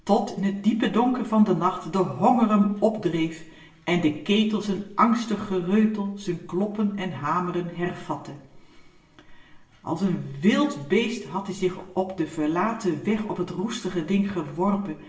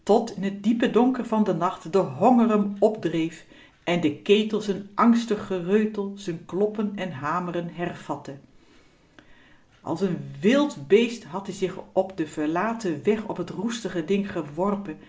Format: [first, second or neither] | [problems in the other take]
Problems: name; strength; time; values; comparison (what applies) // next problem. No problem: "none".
second | room echo; dies away in 0.8 s